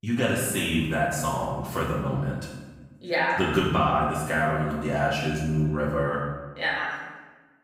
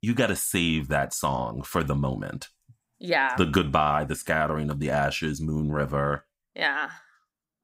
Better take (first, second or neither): second